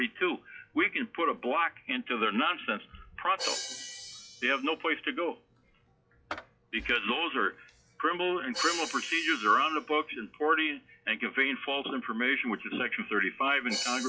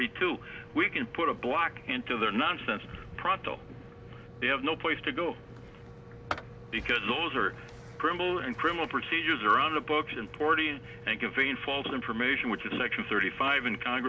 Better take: second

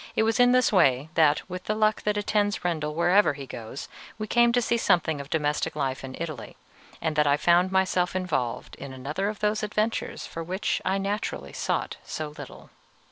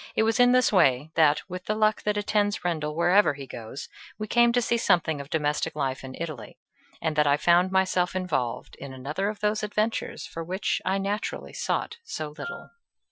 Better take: first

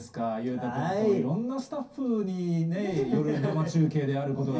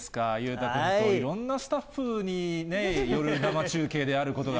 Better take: second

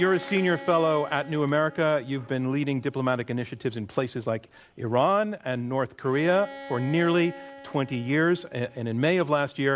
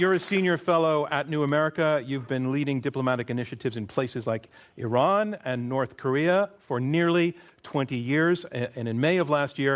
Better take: second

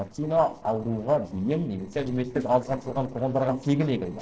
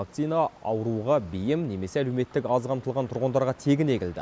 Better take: second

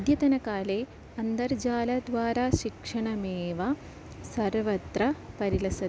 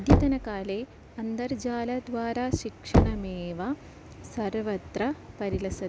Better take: first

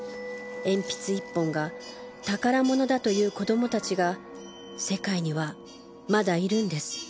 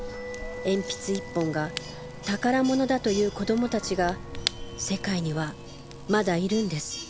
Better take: first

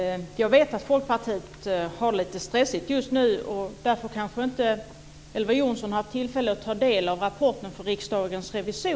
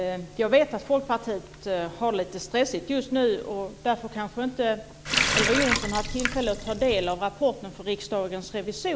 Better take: first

